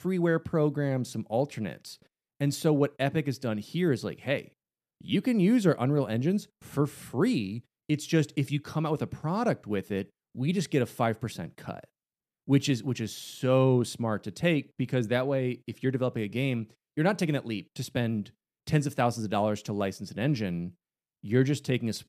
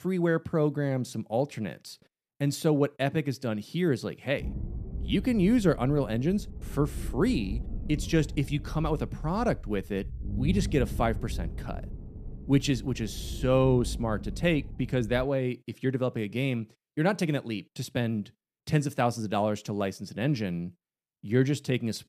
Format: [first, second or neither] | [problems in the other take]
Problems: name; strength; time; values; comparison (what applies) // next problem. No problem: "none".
first | low rumble; noticeable; from 4.5 to 15 s; 20 dB below the speech